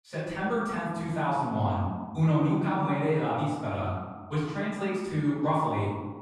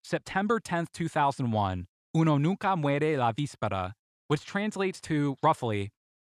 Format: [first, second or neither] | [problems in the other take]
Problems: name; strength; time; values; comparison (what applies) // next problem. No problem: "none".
second | off-mic speech; far // room echo; strong; dies away in 1.5 s